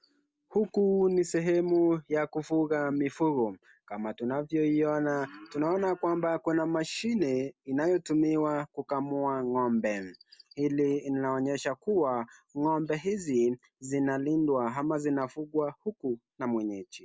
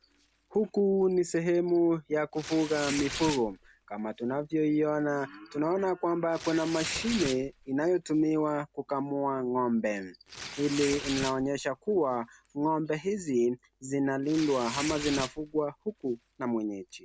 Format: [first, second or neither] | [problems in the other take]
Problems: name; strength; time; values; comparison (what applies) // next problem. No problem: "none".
first | background sound (Tearing); 14 dB below the speech